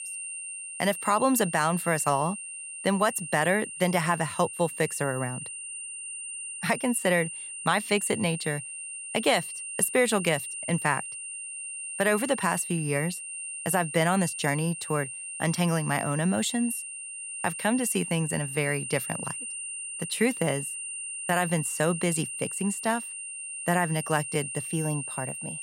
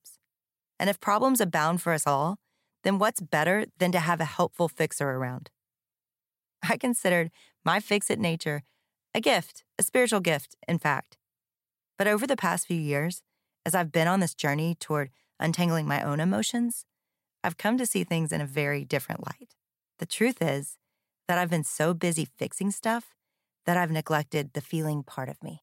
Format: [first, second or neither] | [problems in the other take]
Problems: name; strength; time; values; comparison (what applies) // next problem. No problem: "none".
second | high-pitched whine; loud; throughout; 9 kHz, 7 dB below the speech